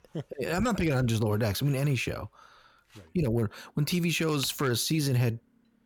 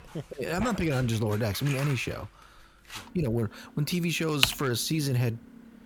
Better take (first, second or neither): first